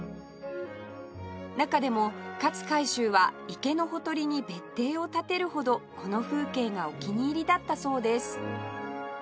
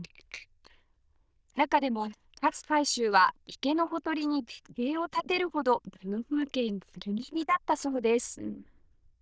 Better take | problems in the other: first | noise reduction (neural diffusion model UNIVERSE++)

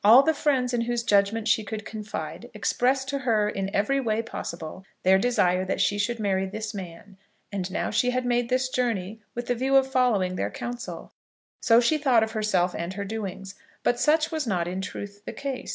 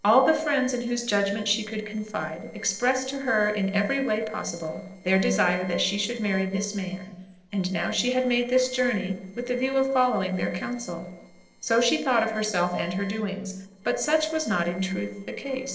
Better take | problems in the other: first | noise reduction (neural separator model SepFormer DNS4)

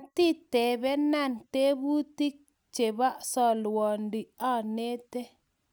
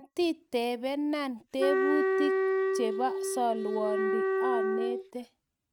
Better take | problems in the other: first | noise reduction (neural mask model RNNoise)

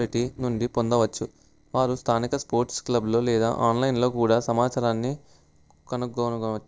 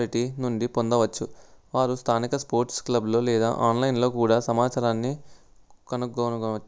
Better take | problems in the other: second | noise reduction (neural separator model SepFormer DNS4)

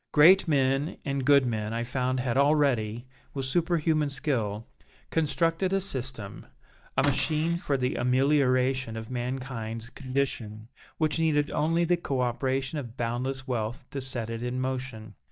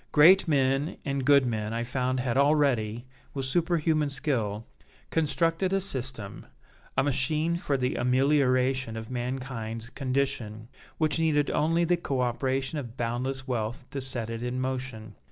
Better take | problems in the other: second | noise reduction (neural mask model DeepFilterNet 3)

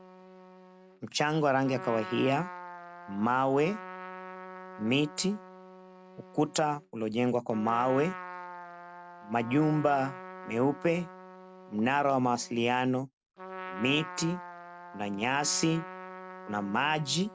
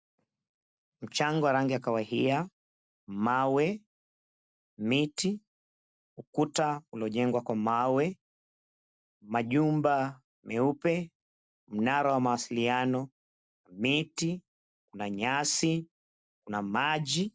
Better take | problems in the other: second | background sound (Trumpet); 14 dB below the speech

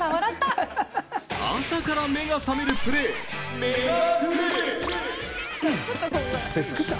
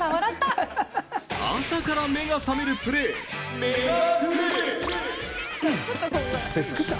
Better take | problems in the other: second | background sound (Gunshot, gunfire); 9 dB below the speech

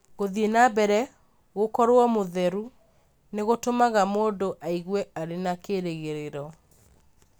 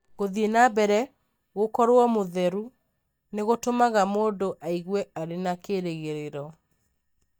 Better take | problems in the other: first | noise reduction (neural mask model DeepFilterNet 3)

